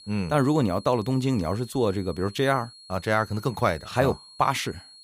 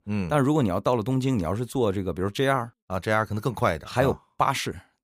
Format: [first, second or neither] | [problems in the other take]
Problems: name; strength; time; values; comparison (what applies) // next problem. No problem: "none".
second | high-pitched whine; faint; throughout; 4.5 kHz, 20 dB below the speech